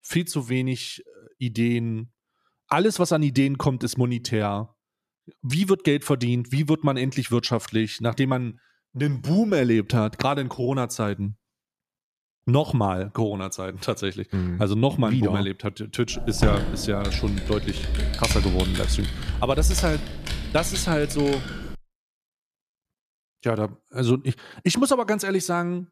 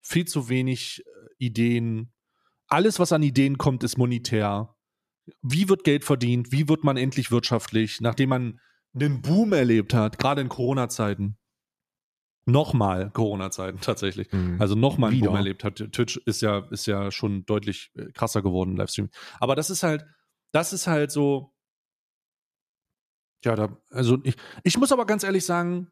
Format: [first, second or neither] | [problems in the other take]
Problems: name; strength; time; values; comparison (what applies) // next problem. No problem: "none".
second | keyboard typing; loud; from 16 to 22 s; peak 1 dB above the speech